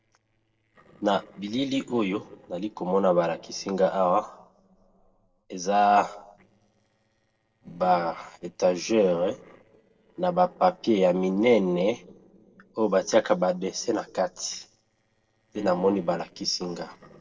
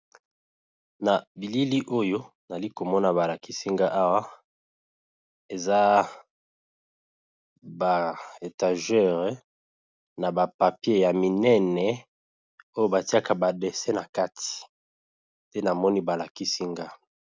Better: second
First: noise reduction (neural separator model SepFormer DNS4)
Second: none

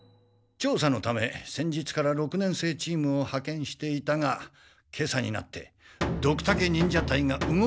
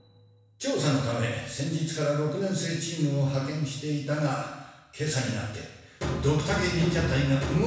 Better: first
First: none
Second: room echo; dies away in 1.1 s

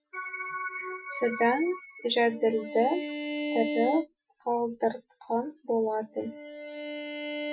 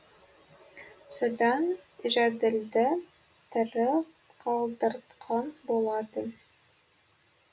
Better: second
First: noise reduction (classical method Wiener filter)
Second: none

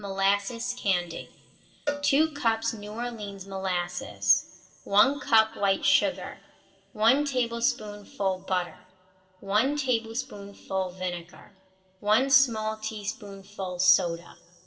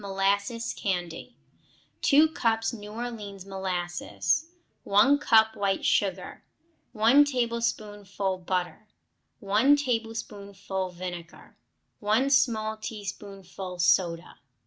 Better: second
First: background sound (Cowbell); 11 dB below the speech // room echo; dies away in 3 s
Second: none

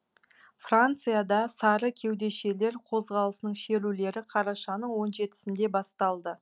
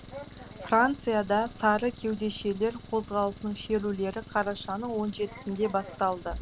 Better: first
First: none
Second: background sound (Engine + Sliding door); 15 dB below the speech

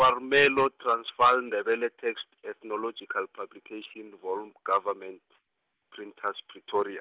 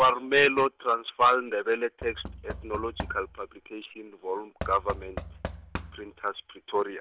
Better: first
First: none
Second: background sound (Knock / Wood); 14 dB below the speech

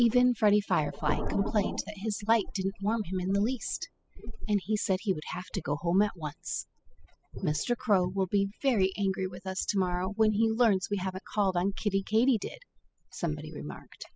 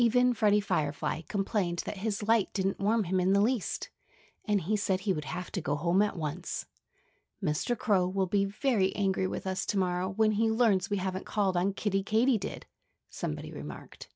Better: second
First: noise reduction (classical method spectral subtraction)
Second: none

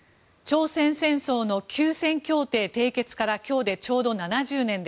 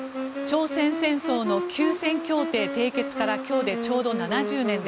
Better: first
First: none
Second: background sound (Wind instrument, woodwind instrument + Cricket); 4 dB below the speech

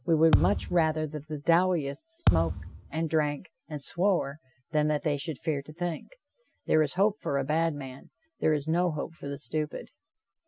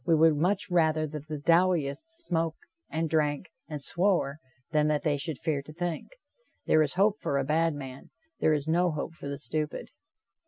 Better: second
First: background sound (Thump, thud); 1 dB below the speech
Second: none

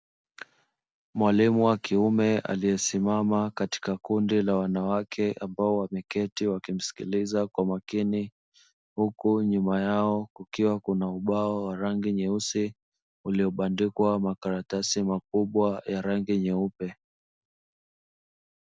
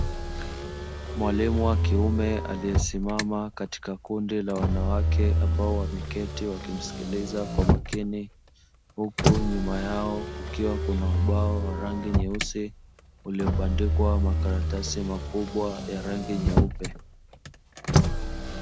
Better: first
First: none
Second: background sound (Motor vehicle (road)); 4 dB above the speech

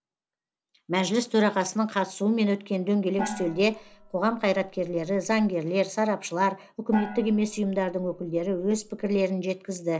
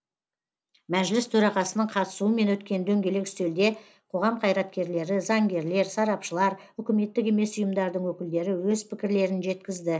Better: second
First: background sound (Gong); 13 dB below the speech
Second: none

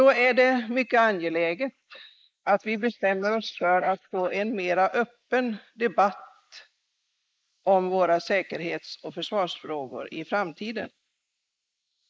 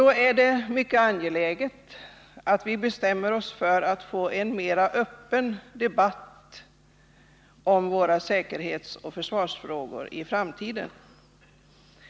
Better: second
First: noise reduction (neural mask model Resemble Enhance denoiser)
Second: none

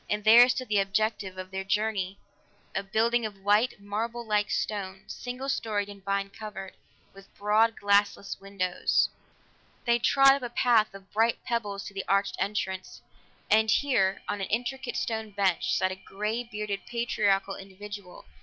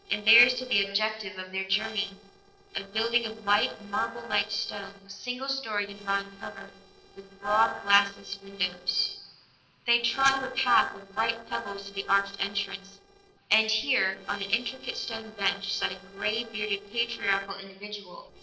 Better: first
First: none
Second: noise reduction (neural separator model SepFormer DNS4)

